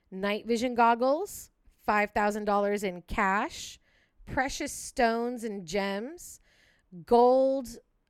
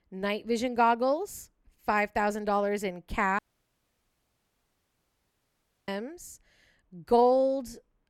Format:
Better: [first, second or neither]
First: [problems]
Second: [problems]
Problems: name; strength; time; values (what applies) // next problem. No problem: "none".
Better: first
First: none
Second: audio cutting out; at 3.5 s for 2.5 s